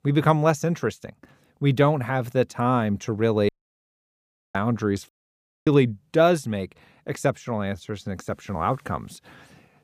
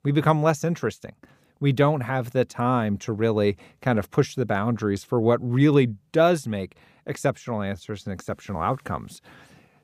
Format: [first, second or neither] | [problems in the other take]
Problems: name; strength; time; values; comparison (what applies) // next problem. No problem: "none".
second | audio cutting out; at 3.5 s for 1 s and at 5 s for 0.5 s